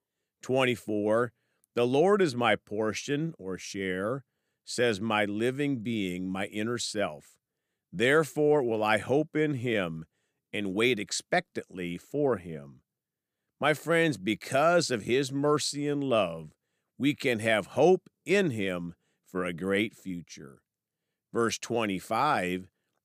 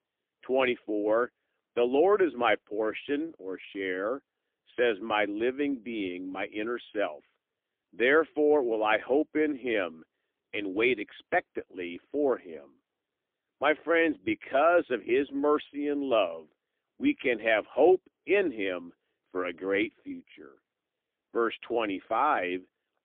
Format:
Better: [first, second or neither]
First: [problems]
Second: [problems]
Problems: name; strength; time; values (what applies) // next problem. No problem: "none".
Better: first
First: none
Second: phone-call audio; poor line; nothing above 3.5 kHz